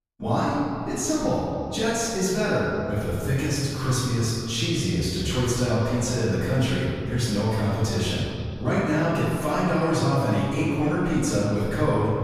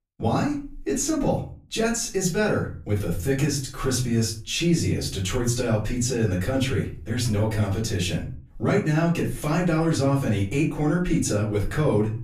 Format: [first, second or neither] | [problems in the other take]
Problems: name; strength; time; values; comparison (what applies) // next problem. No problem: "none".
second | room echo; strong; dies away in 2.4 s; slight in the second // off-mic speech; far; far in the second